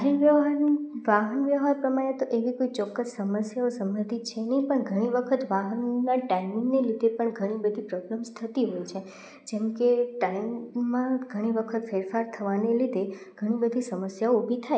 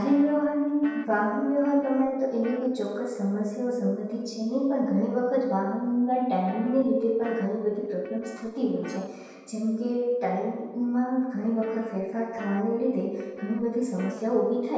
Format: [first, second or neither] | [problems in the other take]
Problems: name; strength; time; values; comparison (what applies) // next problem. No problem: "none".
first | background sound (Guitar); 19 dB below the speech // room echo; dies away in 1.2 s